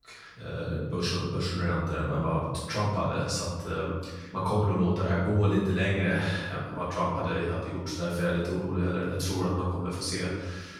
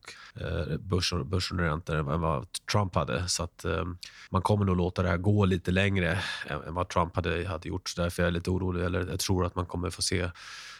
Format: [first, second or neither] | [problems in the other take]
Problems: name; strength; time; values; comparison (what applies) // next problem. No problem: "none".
second | room echo; noticeable; dies away in 1.1 s // off-mic speech; far